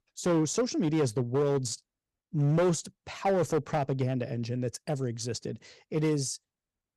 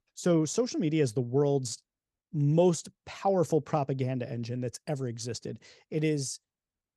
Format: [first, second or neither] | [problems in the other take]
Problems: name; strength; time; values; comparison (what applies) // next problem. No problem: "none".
second | distortion; slight; 7% of the sound clipped